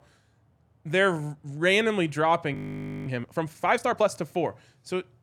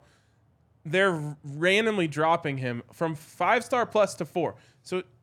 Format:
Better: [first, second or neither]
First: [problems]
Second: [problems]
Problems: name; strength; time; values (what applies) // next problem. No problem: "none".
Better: second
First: audio freezing; at 2.5 s for 0.5 s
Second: none